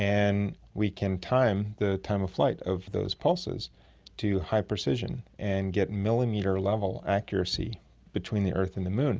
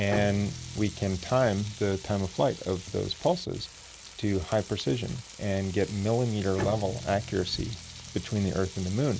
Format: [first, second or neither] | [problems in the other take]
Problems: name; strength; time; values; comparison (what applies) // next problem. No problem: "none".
first | background sound (Bowed string instrument + Frying (food)); 13 dB below the speech